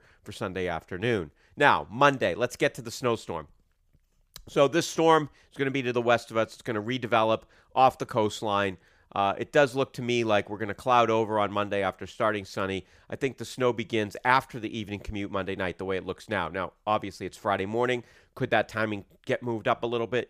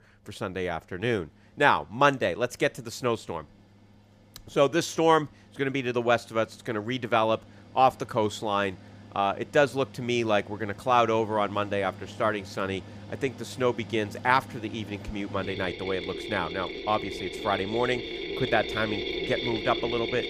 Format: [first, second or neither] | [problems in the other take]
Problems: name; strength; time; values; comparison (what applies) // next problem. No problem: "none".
first | machinery noise; loud; throughout; 9 dB below the speech